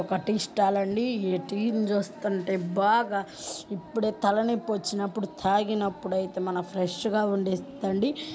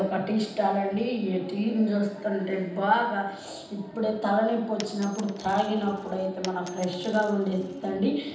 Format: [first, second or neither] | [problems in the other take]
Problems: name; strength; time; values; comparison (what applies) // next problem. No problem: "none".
first | background sound (Coin (dropping)); 20 dB below the speech // room echo; dies away in 0.9 s